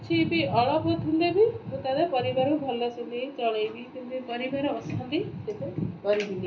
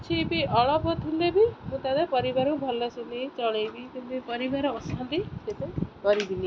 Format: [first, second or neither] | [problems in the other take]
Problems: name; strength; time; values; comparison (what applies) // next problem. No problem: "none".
second | room echo; dies away in 0.3 s